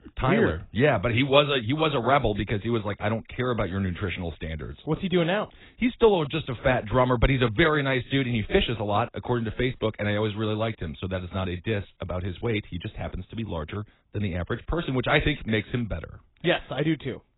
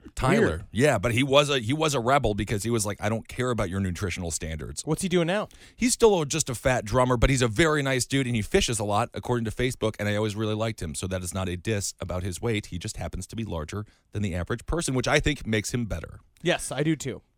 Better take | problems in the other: second | garbled, watery; badly; nothing above 4 kHz

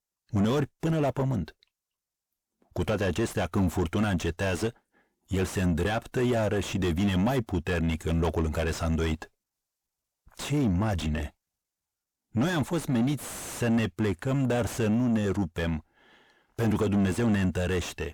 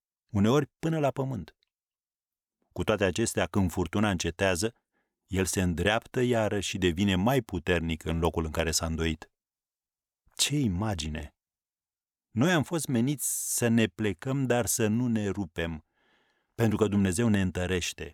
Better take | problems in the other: second | distortion; heavy; 6 dB below the speech

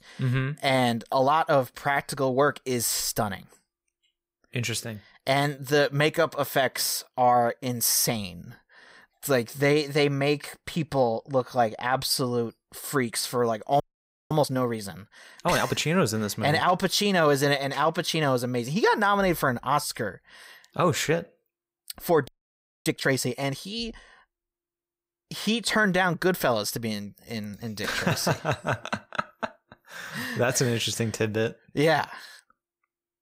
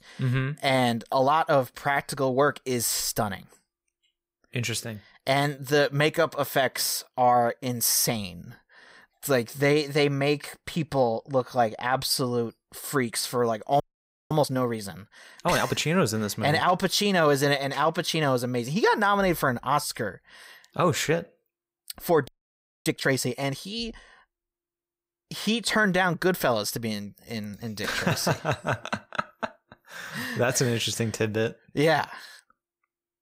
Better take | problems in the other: neither | audio freezing; at 14 s for 0.5 s and at 22 s for 0.5 s; the same in both

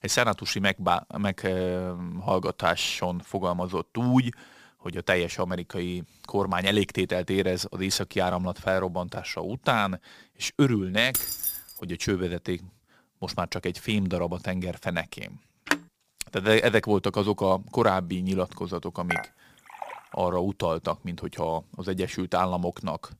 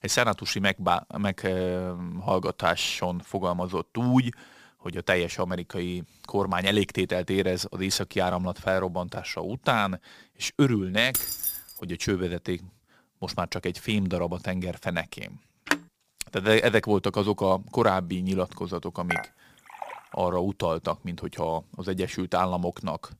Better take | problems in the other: neither | jangling keys; loud; at 11 s; peak 1 dB above the speech; the same in both // phone ringing; noticeable; at 16 s; peak 2 dB below the speech; the same in both // clattering dishes; noticeable; at 19 s; peak 4 dB below the speech; the same in both

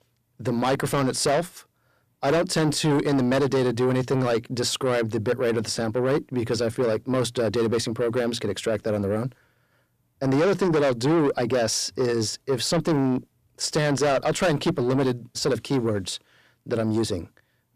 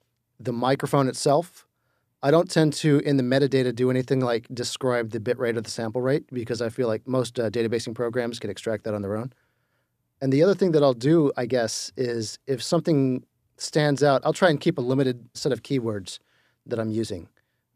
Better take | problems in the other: second | distortion; heavy; 6 dB below the speech

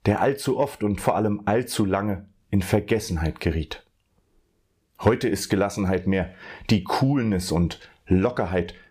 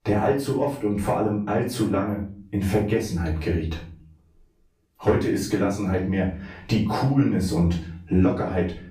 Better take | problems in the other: first | off-mic speech; far // room echo; slight; dies away in 0.4 s

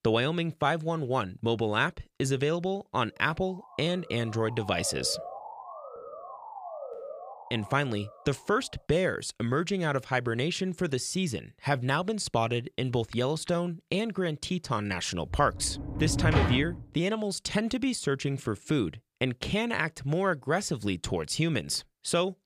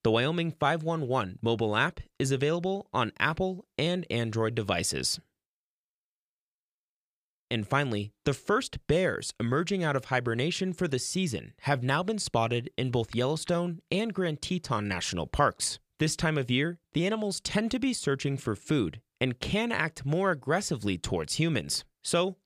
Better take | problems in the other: second | siren; noticeable; from 3 to 8.5 s; peak 10 dB below the speech // door banging; loud; from 15 to 17 s; peak 3 dB above the speech

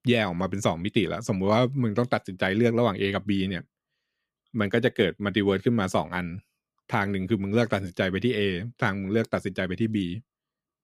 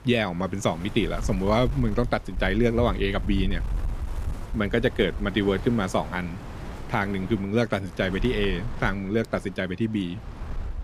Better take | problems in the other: first | wind noise on the microphone; occasional gusts; 15 dB below the speech

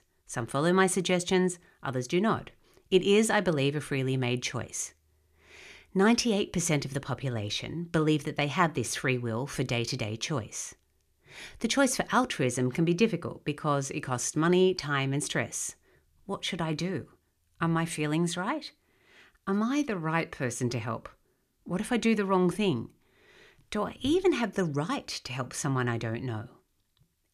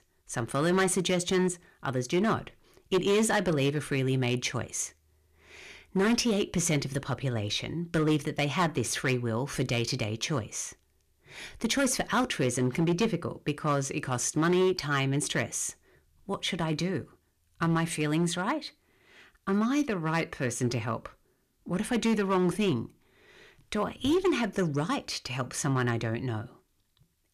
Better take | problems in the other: first | distortion; slight; 5% of the sound clipped

